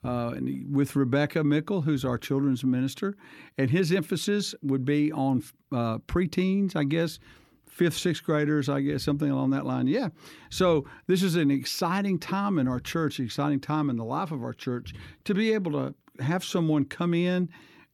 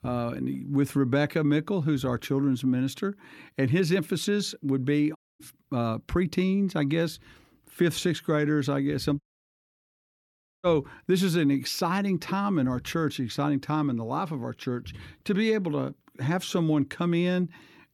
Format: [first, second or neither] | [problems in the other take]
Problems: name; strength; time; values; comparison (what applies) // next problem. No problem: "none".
first | audio cutting out; at 5 s and at 9 s for 1.5 s